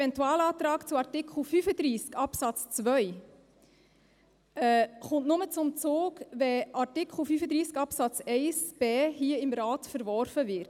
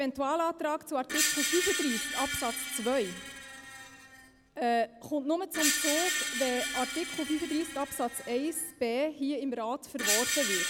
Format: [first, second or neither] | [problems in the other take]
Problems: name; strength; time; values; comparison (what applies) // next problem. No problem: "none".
first | background sound (Screech); 2 dB below the speech